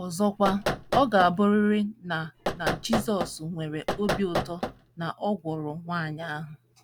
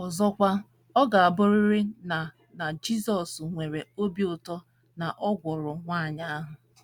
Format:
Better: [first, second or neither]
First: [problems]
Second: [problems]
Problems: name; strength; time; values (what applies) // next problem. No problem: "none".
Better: second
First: background sound (Knock); 4 dB below the speech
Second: none